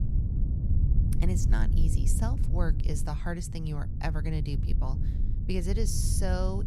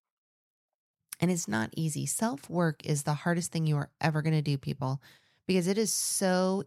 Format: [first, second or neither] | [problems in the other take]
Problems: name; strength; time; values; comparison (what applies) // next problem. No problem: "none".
second | low rumble; loud; throughout; 7 dB below the speech